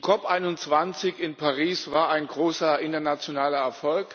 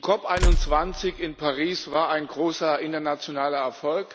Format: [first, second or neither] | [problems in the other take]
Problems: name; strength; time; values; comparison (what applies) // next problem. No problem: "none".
first | background sound (Tools); as loud as the speech